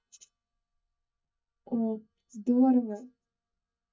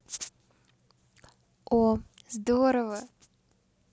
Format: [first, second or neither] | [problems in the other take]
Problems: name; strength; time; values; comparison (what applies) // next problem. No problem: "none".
second | noise reduction (neural mask model DeepFilterNet 3)